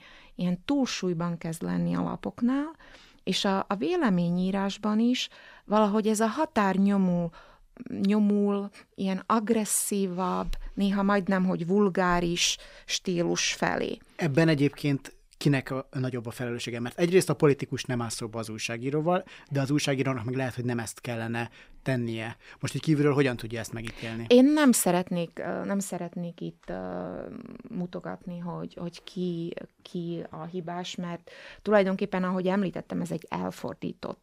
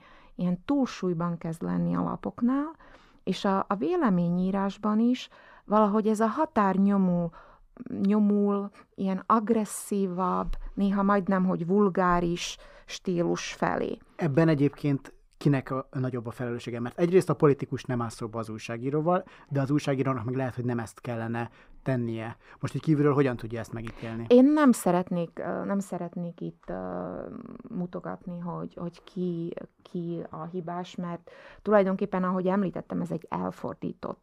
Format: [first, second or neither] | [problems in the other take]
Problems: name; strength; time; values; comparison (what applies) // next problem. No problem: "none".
first | muffled; slightly; fading above 2 kHz